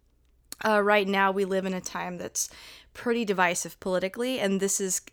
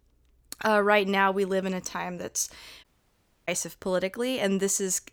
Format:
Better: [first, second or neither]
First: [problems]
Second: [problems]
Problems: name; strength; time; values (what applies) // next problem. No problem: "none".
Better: first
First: none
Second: audio cutting out; at 3 s for 0.5 s